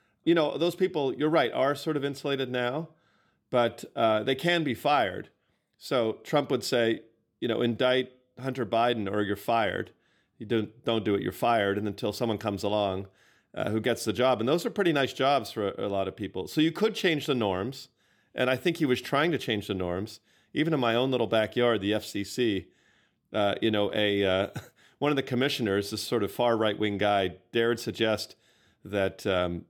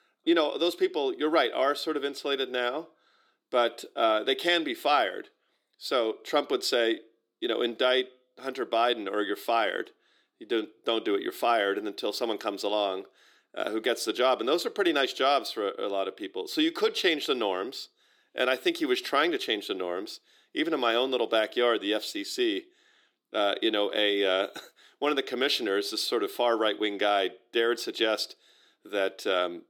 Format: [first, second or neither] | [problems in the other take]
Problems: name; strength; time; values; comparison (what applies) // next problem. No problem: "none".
first | thin; somewhat; fading below 350 Hz